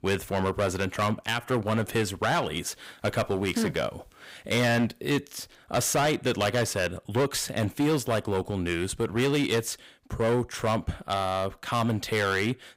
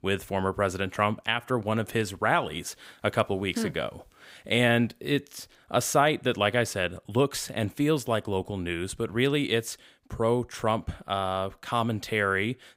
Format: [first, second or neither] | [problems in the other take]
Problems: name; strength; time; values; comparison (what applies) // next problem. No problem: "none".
second | distortion; heavy; 10% of the sound clipped